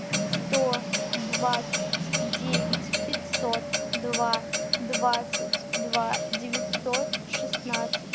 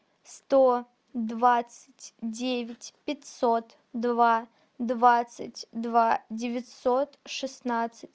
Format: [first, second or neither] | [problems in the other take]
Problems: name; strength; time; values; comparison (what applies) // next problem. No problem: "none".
second | background sound (Clock); 3 dB above the speech